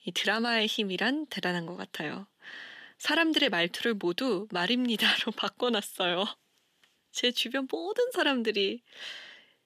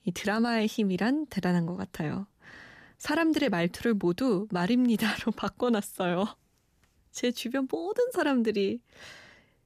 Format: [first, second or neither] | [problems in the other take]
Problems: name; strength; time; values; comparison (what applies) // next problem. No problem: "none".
second | thin; very slightly; fading below 300 Hz